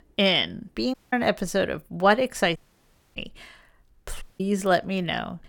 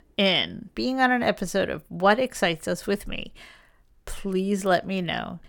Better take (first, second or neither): second